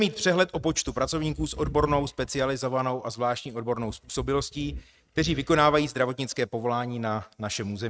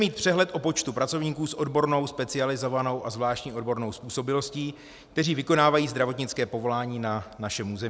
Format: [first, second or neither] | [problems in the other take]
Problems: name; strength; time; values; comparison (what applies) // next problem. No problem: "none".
second | noise reduction (neural mask model RNNoise)